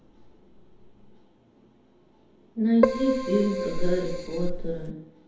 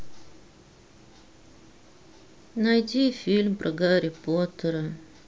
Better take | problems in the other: second | background sound (Keyboard (musical)); 3 dB above the speech // room echo; dies away in 2.2 s

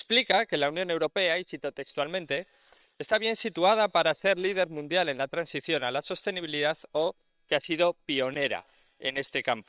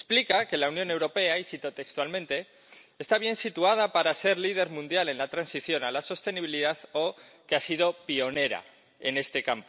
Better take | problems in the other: second | noise reduction (neural separator model SepFormer WHAM!)

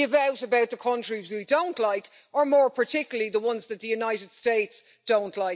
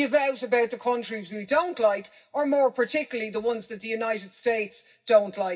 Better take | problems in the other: first | room echo; dies away in 0.4 s

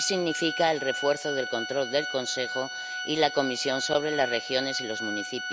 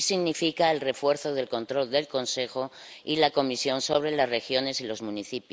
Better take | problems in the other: second | background sound (Organ); 6 dB below the speech

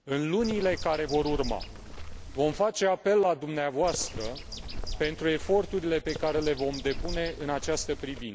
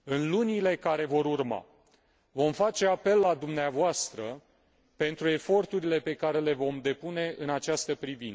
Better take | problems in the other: second | background sound (Bird); 8 dB below the speech

